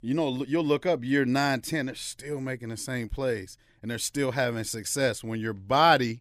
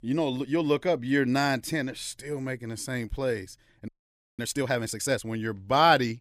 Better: first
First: none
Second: audio freezing; at 4 s for 0.5 s

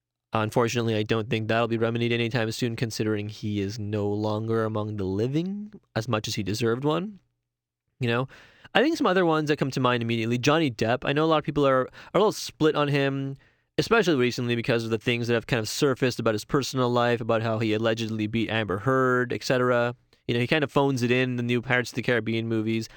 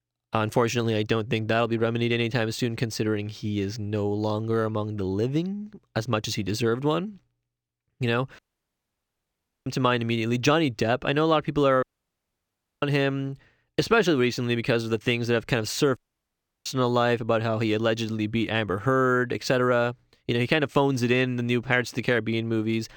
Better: first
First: none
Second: audio cutting out; at 8.5 s for 1.5 s, at 12 s for 1 s and at 16 s for 0.5 s

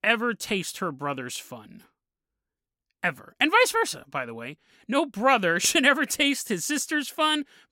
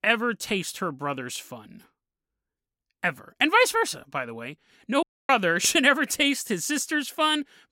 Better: first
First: none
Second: audio cutting out; at 5 s

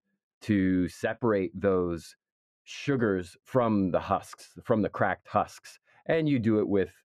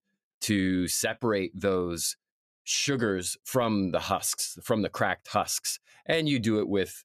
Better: second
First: muffled; very; fading above 3 kHz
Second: none

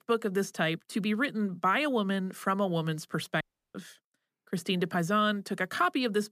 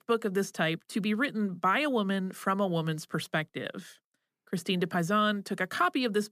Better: second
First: audio cutting out; at 3.5 s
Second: none

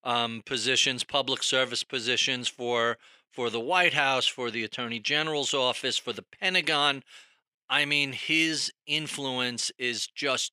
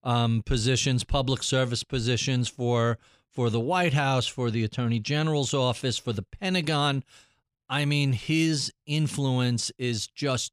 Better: second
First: thin; somewhat; fading below 350 Hz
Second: none

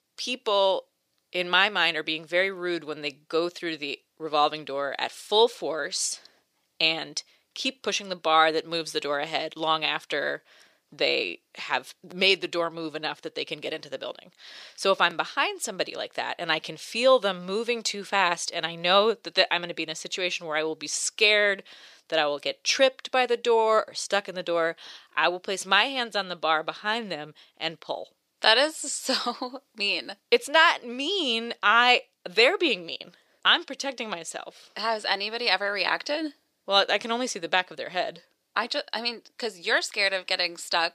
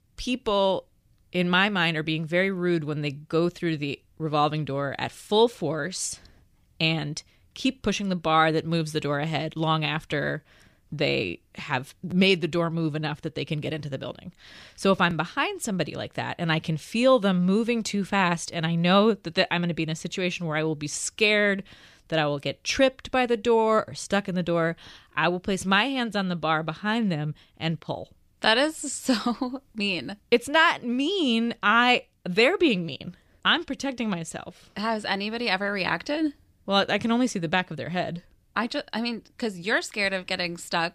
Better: second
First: thin; somewhat; fading below 500 Hz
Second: none

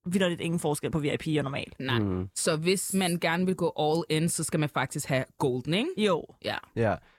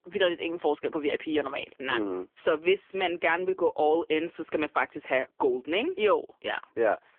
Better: first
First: none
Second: phone-call audio; poor line; nothing above 3.5 kHz

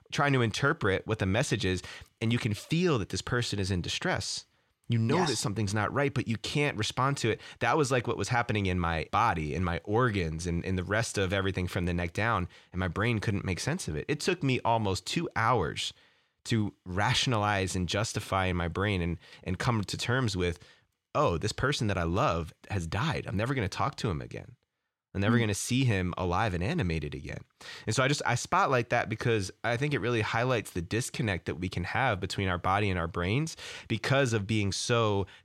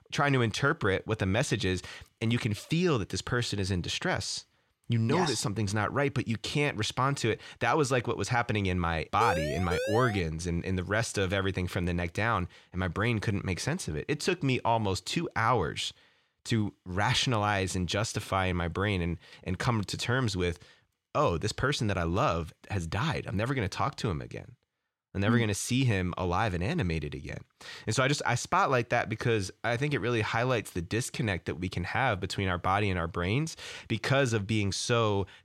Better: first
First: none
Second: siren; noticeable; from 9 to 10 s; peak 3 dB below the speech

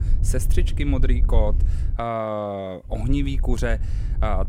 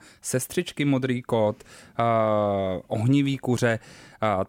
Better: second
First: low rumble; noticeable; until 2 s and from 3 s on; 15 dB below the speech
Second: none

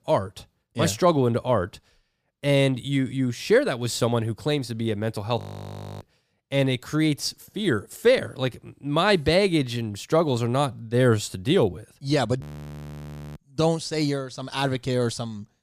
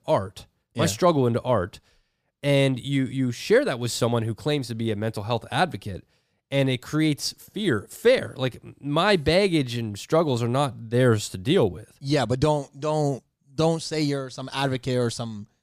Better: second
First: audio freezing; at 5.5 s for 0.5 s and at 12 s for 1 s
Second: none

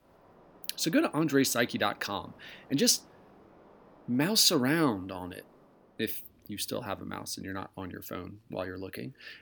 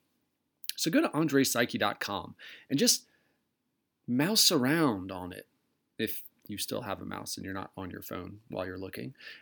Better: second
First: train or aircraft noise; faint; throughout; 30 dB below the speech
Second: none

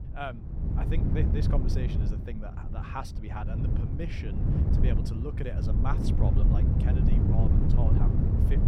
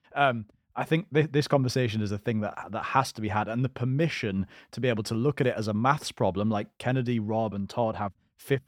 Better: second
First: wind noise on the microphone; heavy; 1 dB above the speech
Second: none

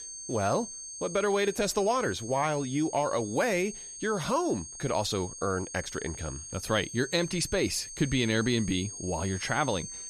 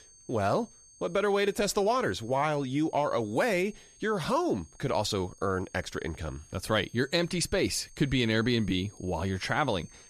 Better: second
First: high-pitched whine; loud; throughout; 6.5 kHz, 10 dB below the speech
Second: high-pitched whine; faint; throughout; 6.5 kHz, 25 dB below the speech

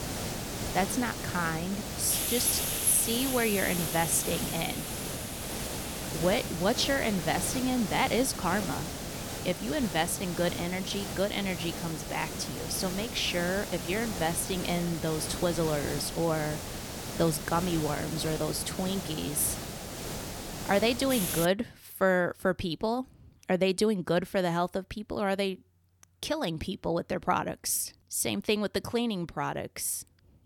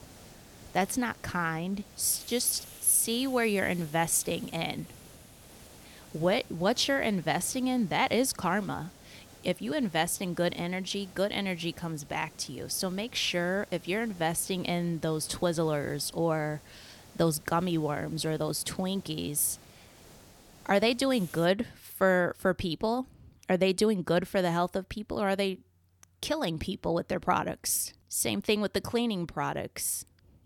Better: second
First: hiss; loud; until 21 s; 5 dB below the speech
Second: hiss; faint; until 21 s; 20 dB below the speech

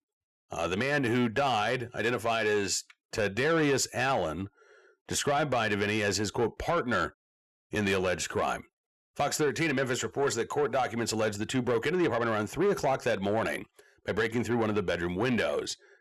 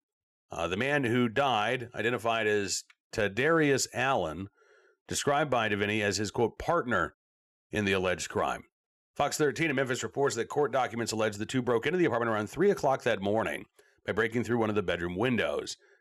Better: second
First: distortion; slight; 10 dB below the speech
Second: none

